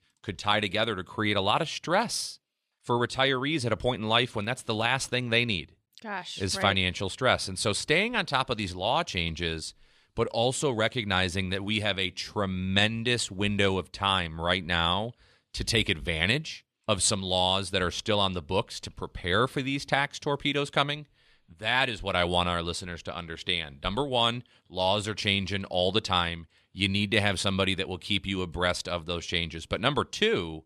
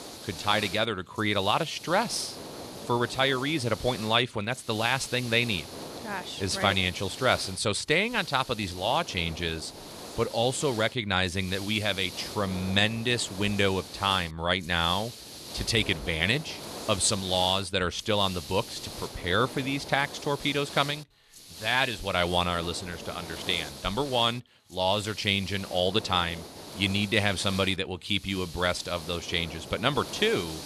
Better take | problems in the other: first | hiss; noticeable; throughout; 15 dB below the speech

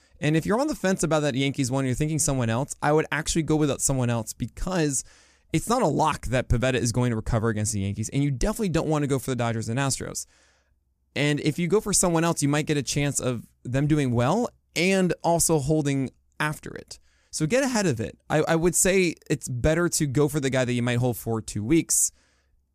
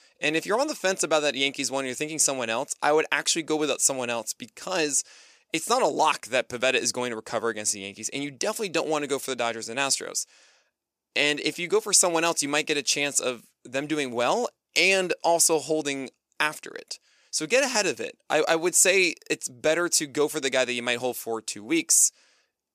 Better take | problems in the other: first | thin; somewhat; fading below 450 Hz

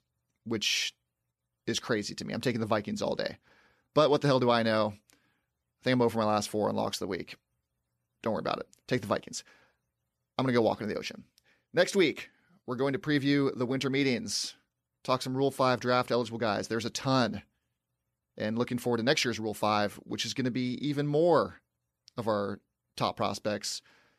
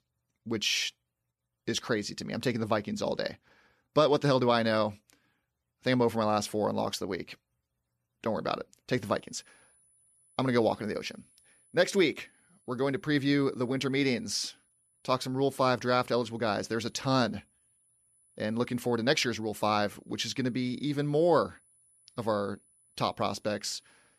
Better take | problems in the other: first | high-pitched whine; faint; from 9 s on; 10 kHz, 35 dB below the speech

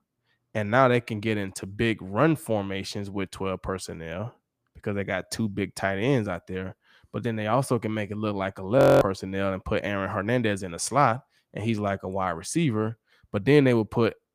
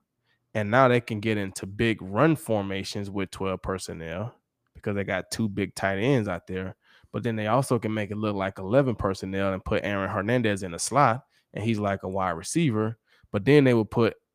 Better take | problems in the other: second | audio freezing; at 9 s

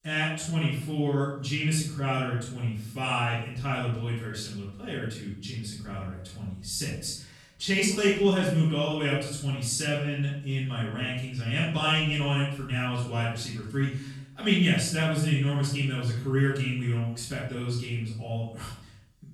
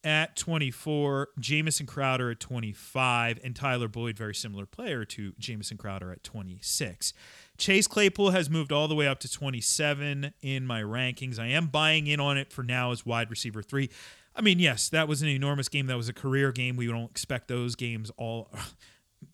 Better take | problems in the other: second | room echo; noticeable; dies away in 0.7 s // off-mic speech; far

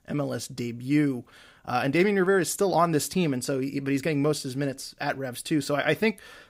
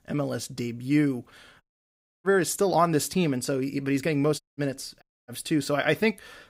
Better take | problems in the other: first | audio cutting out; at 1.5 s for 0.5 s, at 4.5 s and at 5 s

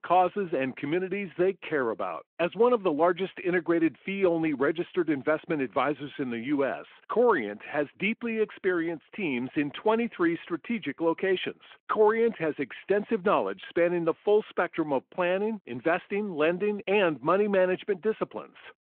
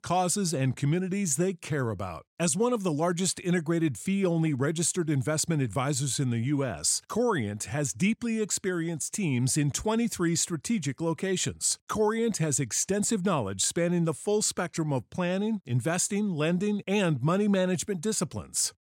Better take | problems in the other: second | phone-call audio

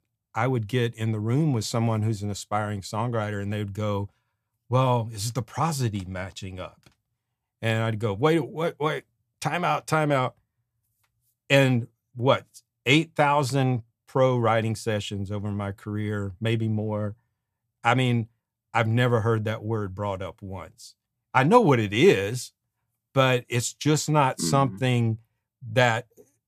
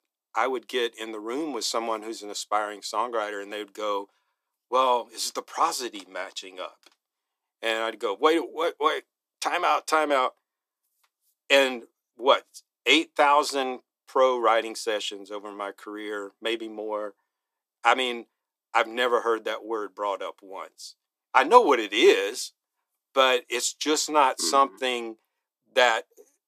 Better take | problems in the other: first | thin; very; fading below 300 Hz

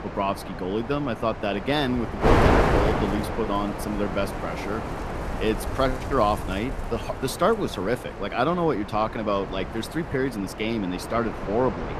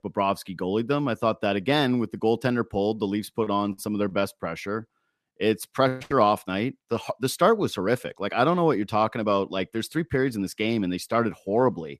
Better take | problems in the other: second | wind noise on the microphone; heavy; 3 dB below the speech

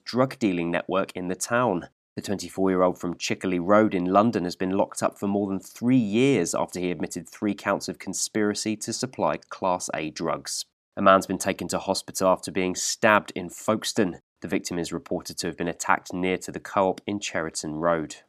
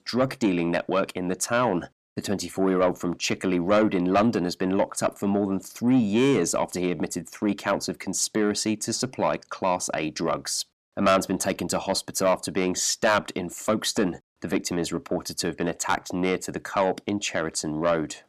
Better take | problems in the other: first | distortion; slight; 10 dB below the speech

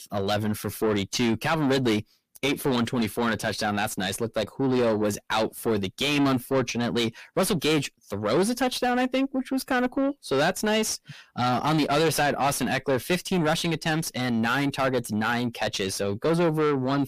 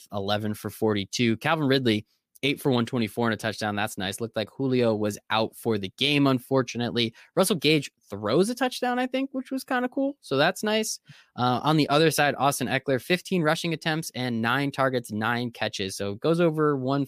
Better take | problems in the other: second | distortion; heavy; 6 dB below the speech

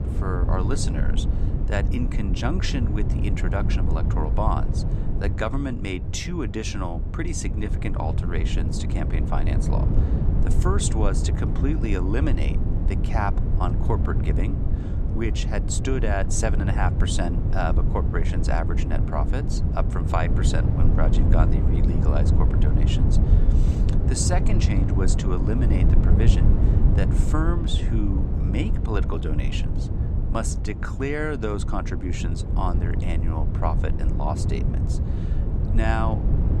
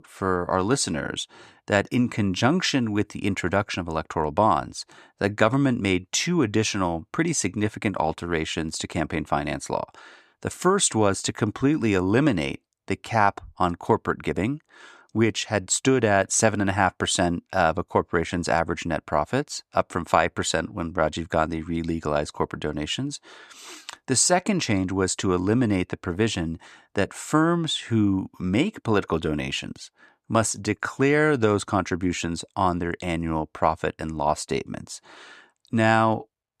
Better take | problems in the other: second | low rumble; loud; throughout; 5 dB below the speech

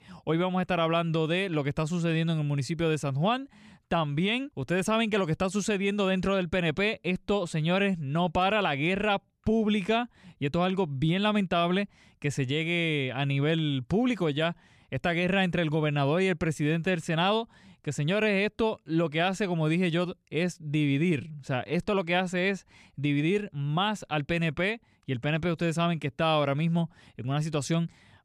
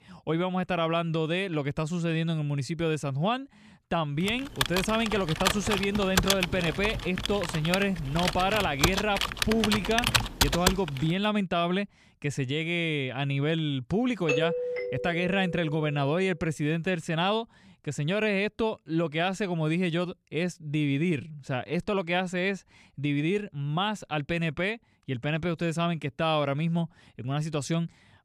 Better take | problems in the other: first | keyboard typing; loud; from 4.5 to 11 s; peak 5 dB above the speech // doorbell; loud; from 14 to 16 s; peak 1 dB above the speech

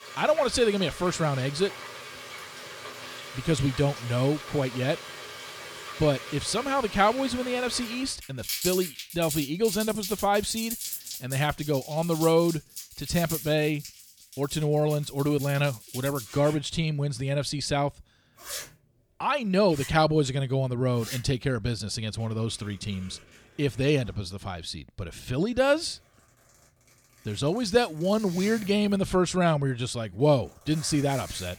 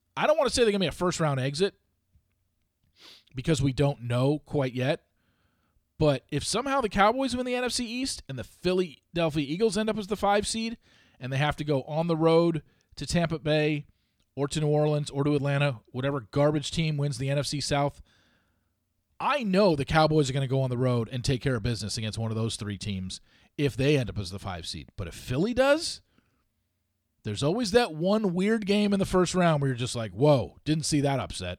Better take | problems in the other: second | household noises; noticeable; throughout; 10 dB below the speech

